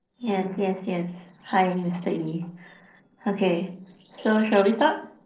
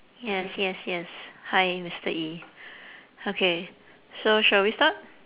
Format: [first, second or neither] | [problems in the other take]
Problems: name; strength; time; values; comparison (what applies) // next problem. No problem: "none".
second | noise reduction (neural separator model SepFormer DNS4)